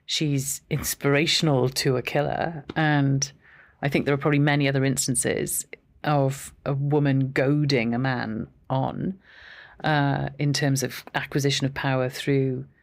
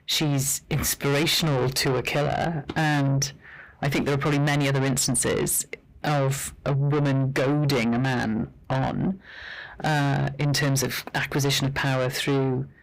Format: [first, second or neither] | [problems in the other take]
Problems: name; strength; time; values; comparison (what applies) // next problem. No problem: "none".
first | distortion; heavy; 6 dB below the speech